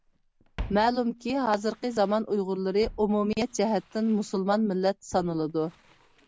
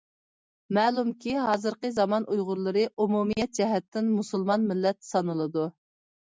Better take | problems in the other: second | background sound (Walk, footsteps); 18 dB below the speech

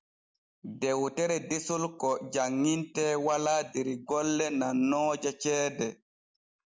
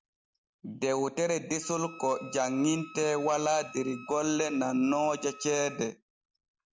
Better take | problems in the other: first | background sound (Wind instrument, woodwind instrument); 20 dB below the speech

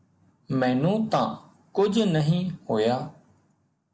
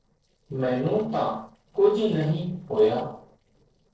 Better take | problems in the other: first | noise reduction (neural separator model SepFormer DNS4)

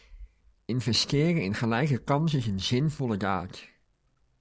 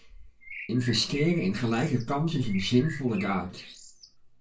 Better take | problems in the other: first | background sound (Bird); 16 dB below the speech // room echo; dies away in 0.2 s

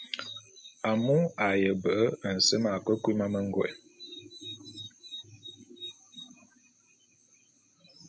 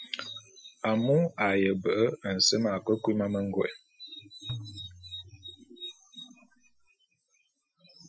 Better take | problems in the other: first | noise reduction (classical method Wiener filter)

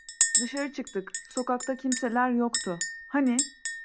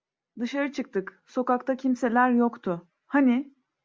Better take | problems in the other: second | background sound (Chink, clink); as loud as the speech

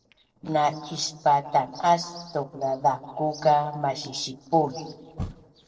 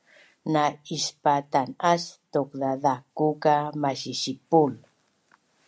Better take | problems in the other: second | noise reduction (neural separator model SepFormer DNS4)

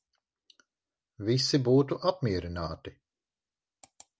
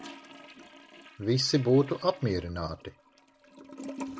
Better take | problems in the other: first | background sound (Toilet flush / Gurgling); 15 dB below the speech

